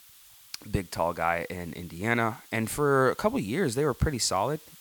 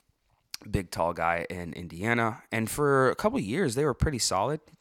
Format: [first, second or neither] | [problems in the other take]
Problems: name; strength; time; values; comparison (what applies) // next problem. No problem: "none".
second | hiss; faint; throughout; 20 dB below the speech